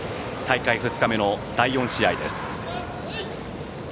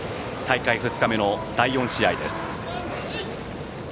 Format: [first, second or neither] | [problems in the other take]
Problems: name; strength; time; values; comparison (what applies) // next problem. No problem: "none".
first | background sound (Cough + Organ); 13 dB below the speech